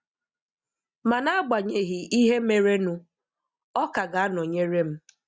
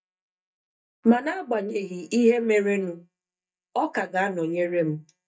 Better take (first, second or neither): first